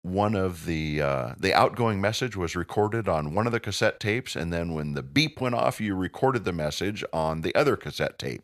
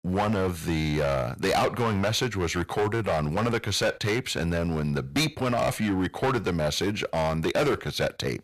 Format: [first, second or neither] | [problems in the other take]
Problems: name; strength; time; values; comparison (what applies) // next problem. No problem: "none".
first | distortion; heavy; 13% of the sound clipped